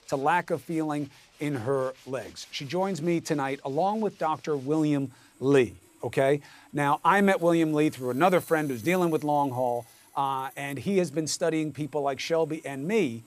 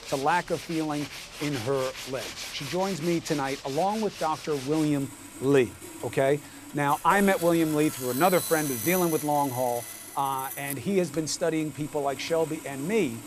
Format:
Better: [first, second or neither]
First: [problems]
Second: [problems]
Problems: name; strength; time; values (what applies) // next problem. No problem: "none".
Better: first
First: machinery noise; faint; throughout; 25 dB below the speech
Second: machinery noise; loud; throughout; 10 dB below the speech